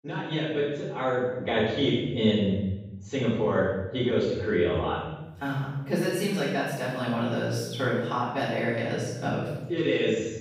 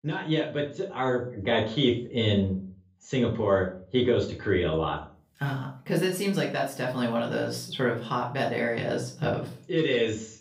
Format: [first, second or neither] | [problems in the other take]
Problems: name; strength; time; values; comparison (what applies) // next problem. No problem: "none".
second | room echo; strong; dies away in 1 s; slight in the second // off-mic speech; far; far in the second